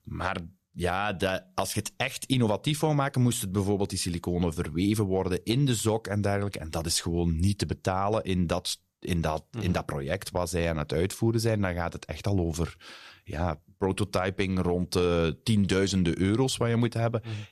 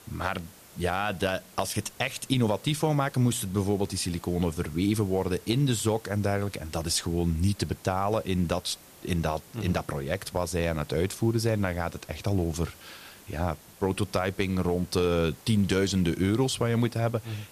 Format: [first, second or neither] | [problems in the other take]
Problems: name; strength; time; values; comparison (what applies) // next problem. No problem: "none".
first | hiss; faint; throughout; 20 dB below the speech